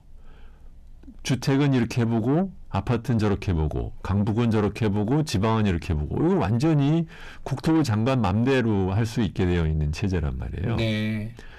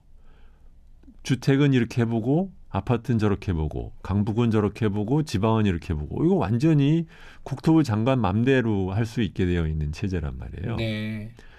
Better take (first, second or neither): second